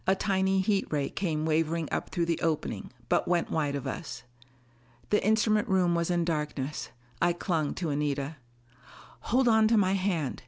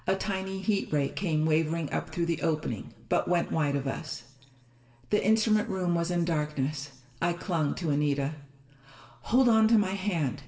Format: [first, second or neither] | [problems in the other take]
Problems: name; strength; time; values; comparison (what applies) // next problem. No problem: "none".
first | room echo; dies away in 0.8 s